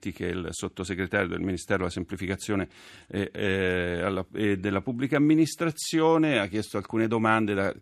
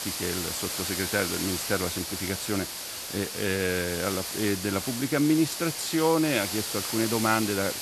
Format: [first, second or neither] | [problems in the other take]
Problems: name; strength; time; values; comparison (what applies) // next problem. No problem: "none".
first | hiss; loud; throughout; 3 dB below the speech